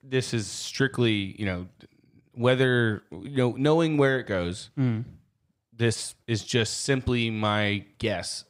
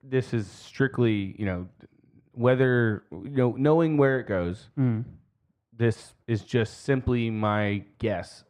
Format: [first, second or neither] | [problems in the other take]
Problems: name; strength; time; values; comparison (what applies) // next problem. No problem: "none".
first | muffled; slightly; fading above 2.5 kHz